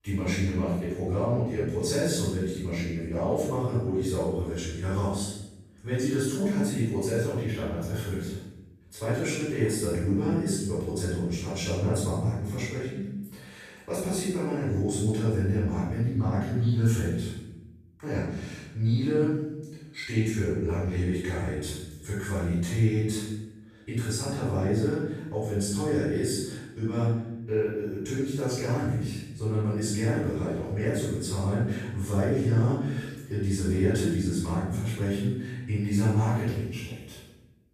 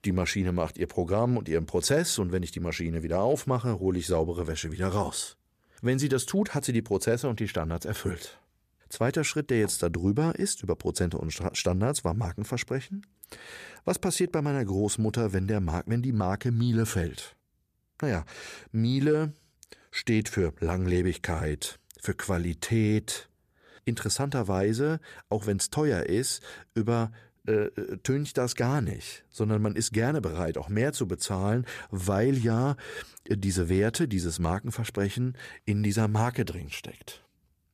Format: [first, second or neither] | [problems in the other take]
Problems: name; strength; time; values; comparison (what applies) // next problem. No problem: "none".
second | off-mic speech; far // room echo; strong; dies away in 0.9 s